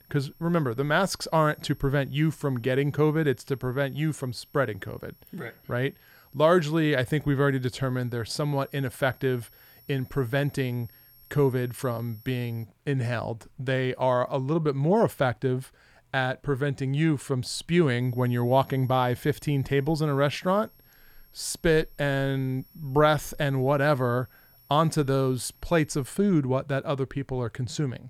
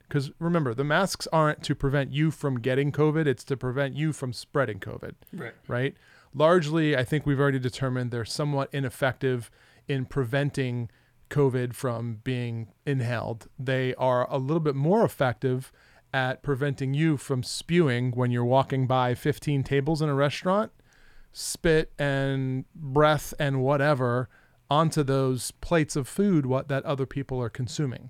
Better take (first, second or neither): second